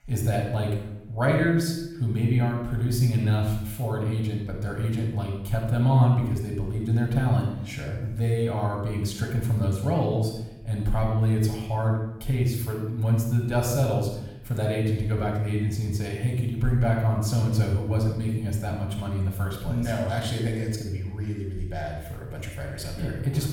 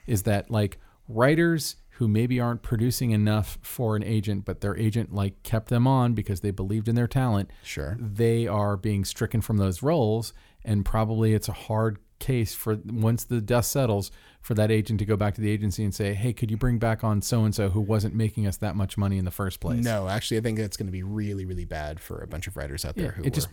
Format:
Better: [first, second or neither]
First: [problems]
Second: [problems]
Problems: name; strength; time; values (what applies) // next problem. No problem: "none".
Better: second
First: off-mic speech; far // room echo; noticeable; dies away in 0.7 s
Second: none